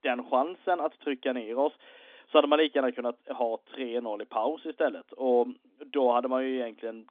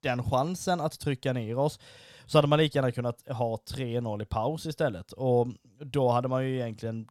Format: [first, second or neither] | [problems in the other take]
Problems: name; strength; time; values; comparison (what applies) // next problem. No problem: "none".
second | phone-call audio; nothing above 3.5 kHz